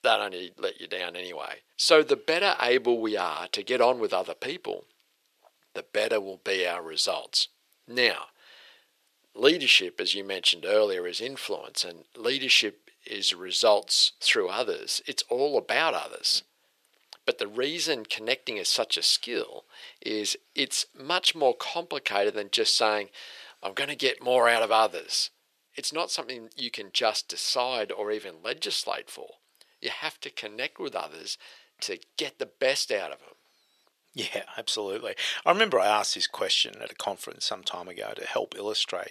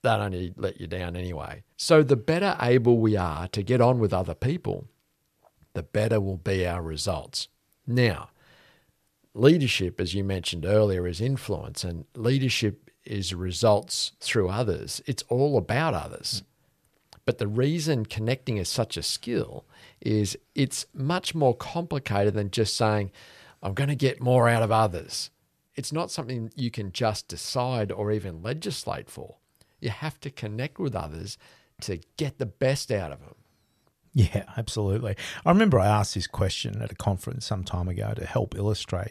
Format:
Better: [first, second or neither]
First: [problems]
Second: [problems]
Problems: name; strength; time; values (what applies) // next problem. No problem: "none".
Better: second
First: thin; very; fading below 400 Hz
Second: none